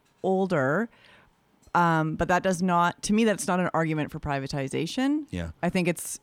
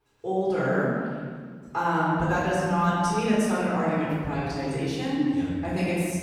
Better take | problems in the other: first | room echo; strong; dies away in 1.7 s // off-mic speech; far

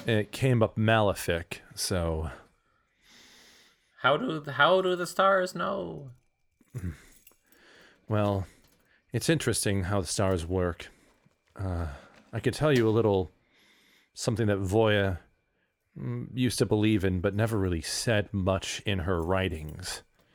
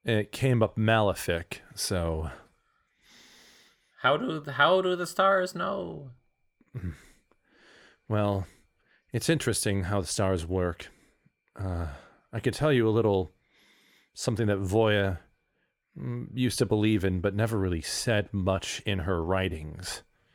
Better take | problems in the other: second | household noises; faint; throughout; 30 dB below the speech

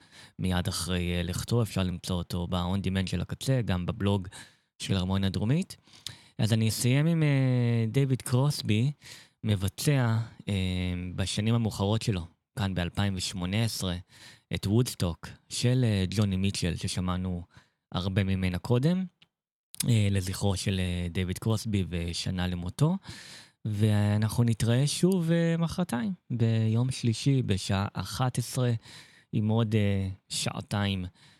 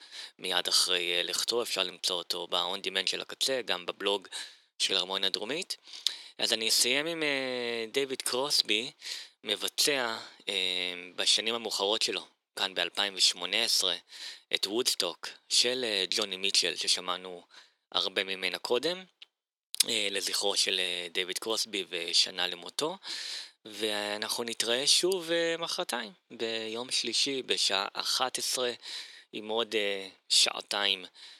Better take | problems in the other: first | thin; very; fading below 400 Hz

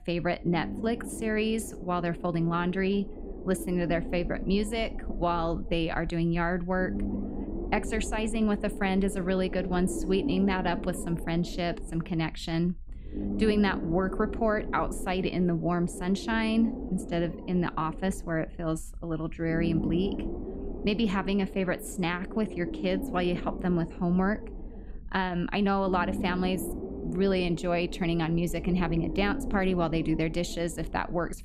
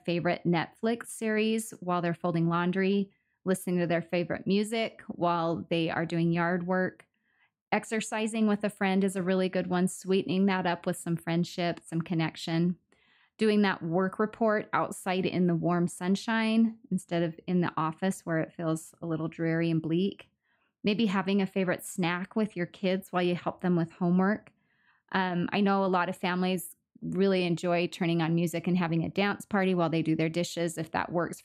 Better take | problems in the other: second | low rumble; noticeable; throughout; 10 dB below the speech

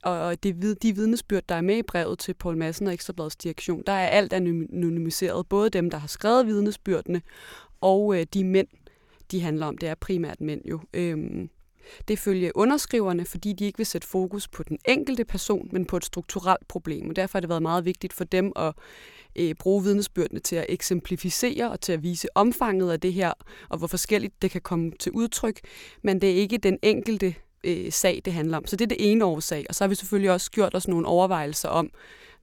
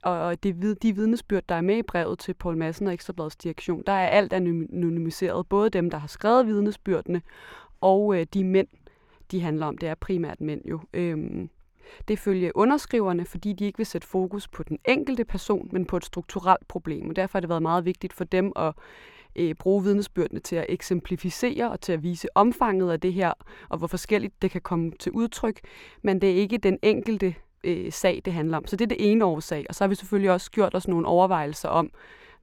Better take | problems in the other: first | muffled; slightly; fading above 4 kHz

